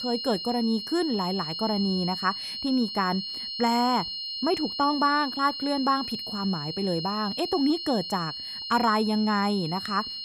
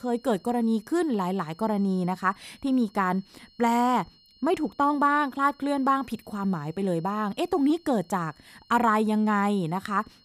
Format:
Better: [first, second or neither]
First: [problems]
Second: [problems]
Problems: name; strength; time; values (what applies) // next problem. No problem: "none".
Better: second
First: high-pitched whine; loud; throughout; 4 kHz, 5 dB below the speech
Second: high-pitched whine; faint; throughout; 4 kHz, 30 dB below the speech